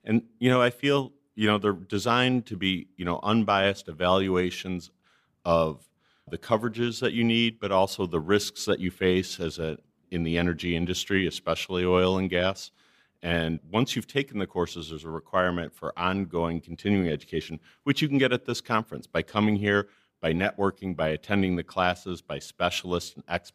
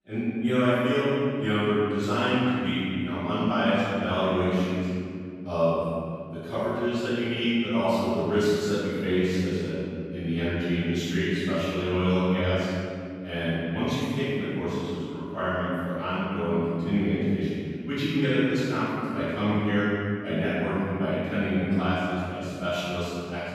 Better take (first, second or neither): first